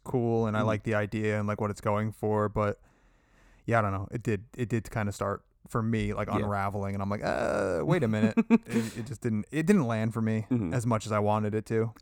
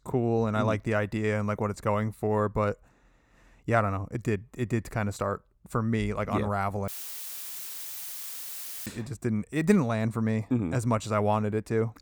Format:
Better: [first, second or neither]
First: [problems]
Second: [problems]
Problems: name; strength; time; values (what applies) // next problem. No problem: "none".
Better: first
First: none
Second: audio cutting out; filled with static; at 7 s for 2 s